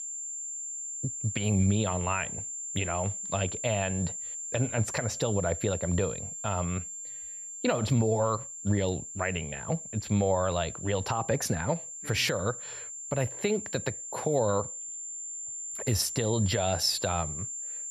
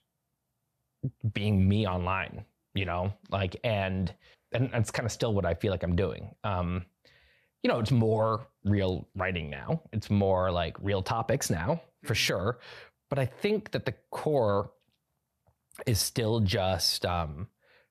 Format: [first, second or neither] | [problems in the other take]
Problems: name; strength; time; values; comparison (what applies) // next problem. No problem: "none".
second | high-pitched whine; loud; throughout; 7.5 kHz, 6 dB below the speech